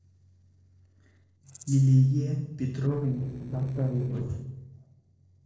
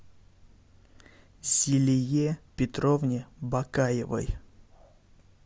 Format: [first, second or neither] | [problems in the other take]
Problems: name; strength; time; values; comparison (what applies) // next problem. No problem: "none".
second | noise reduction (neural separator model SepFormer DNS4)